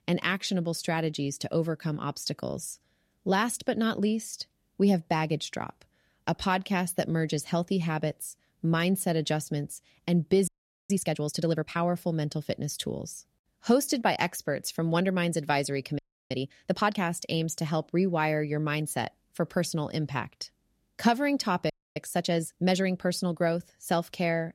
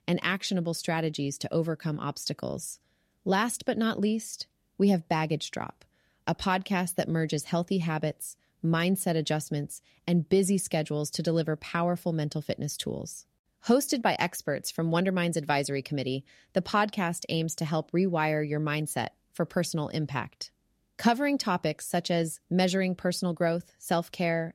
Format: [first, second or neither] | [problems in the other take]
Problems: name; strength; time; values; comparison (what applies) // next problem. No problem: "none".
second | audio freezing; at 10 s, at 16 s and at 22 s